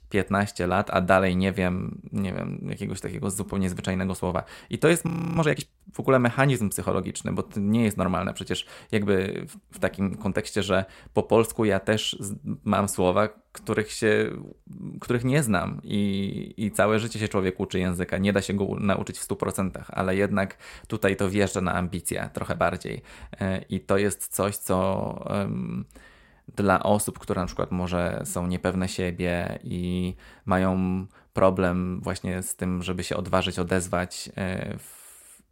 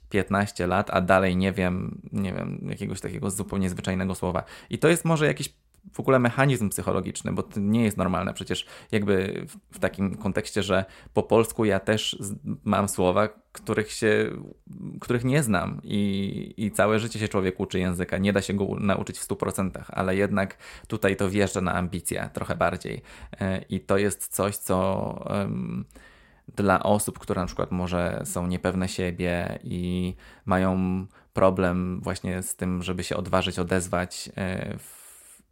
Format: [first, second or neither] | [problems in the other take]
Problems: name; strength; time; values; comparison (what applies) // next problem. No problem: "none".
second | audio freezing; at 5 s